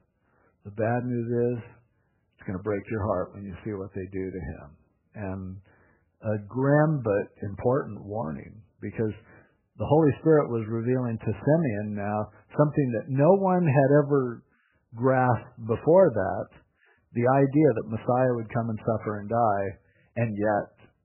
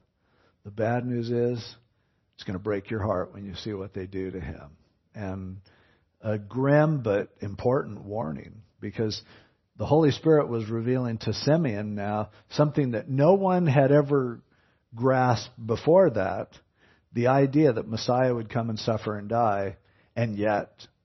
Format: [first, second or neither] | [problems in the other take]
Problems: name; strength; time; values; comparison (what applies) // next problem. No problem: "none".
second | garbled, watery; badly; nothing above 2.5 kHz; slightly in the second